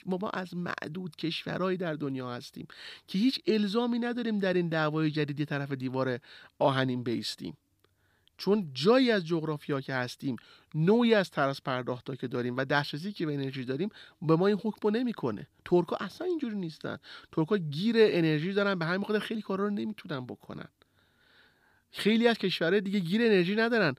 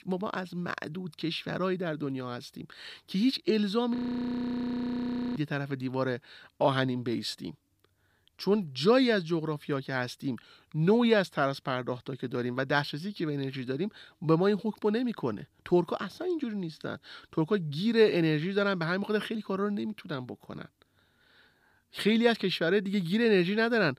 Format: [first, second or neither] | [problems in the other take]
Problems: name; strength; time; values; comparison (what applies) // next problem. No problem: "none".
first | audio freezing; at 4 s for 1.5 s